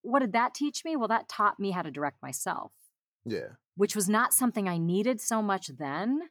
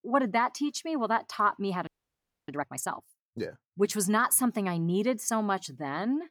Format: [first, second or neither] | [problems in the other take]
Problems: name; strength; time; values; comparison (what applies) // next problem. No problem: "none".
first | audio freezing; at 2 s for 0.5 s